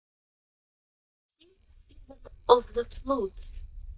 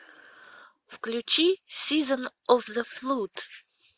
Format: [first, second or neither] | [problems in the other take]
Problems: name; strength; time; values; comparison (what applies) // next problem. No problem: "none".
second | noise reduction (neural mask model DeepFilterNet 3)